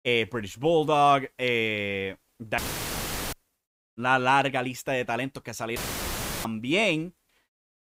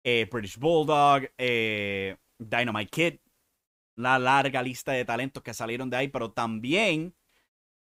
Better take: second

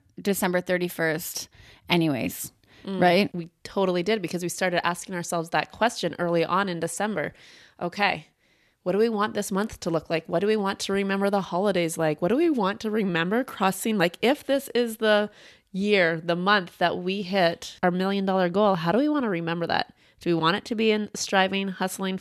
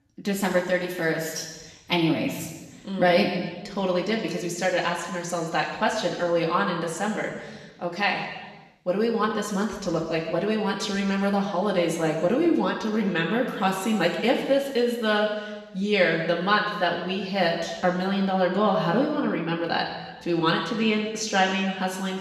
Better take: first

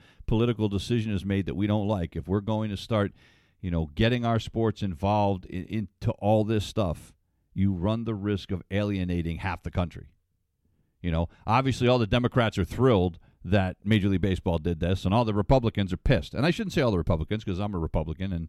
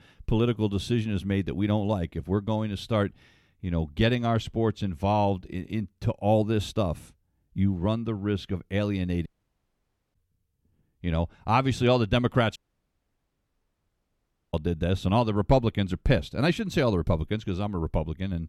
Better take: first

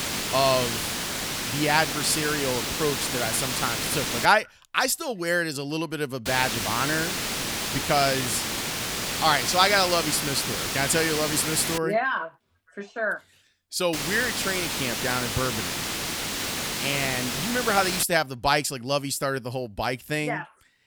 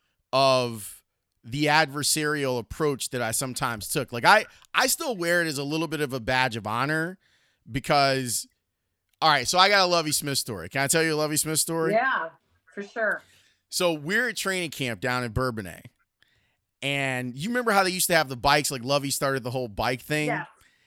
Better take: second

